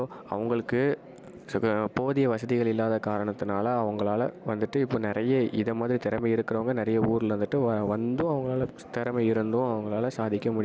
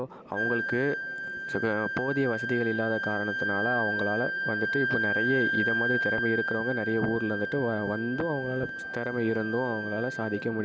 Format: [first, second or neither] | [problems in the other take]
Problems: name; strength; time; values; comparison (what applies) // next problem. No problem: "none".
first | background sound (Wind instrument, woodwind instrument); 2 dB below the speech